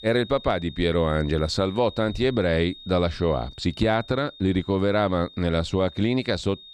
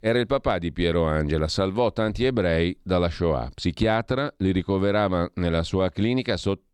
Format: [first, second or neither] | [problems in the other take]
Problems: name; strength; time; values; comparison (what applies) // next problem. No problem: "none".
second | high-pitched whine; noticeable; throughout; 3.5 kHz, 20 dB below the speech